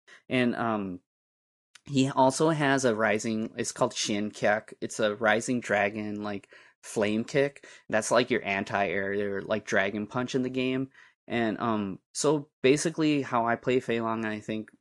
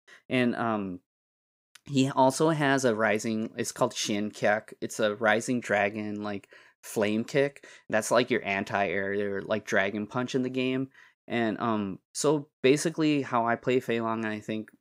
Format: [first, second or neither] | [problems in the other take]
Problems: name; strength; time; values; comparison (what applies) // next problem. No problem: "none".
second | garbled, watery; slightly; nothing above 10.5 kHz